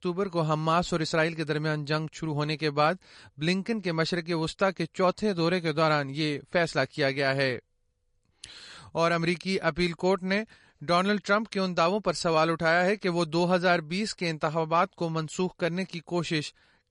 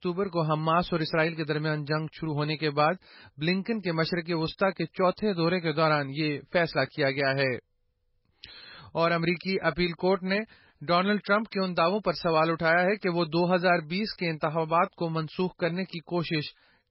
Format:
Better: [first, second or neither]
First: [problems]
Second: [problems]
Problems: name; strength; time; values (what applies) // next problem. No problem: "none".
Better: first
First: garbled, watery; slightly; nothing above 10.5 kHz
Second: garbled, watery; badly; nothing above 5 kHz